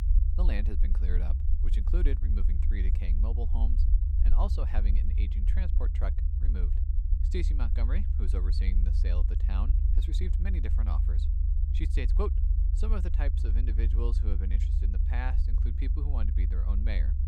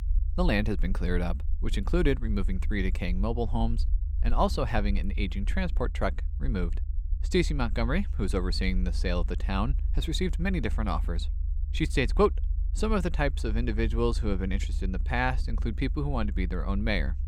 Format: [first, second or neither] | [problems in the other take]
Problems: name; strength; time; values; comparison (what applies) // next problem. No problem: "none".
second | low rumble; loud; throughout; 5 dB below the speech; faint in the second